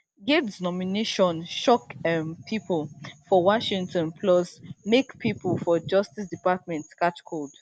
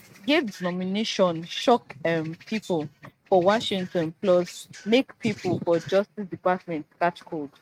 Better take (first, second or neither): first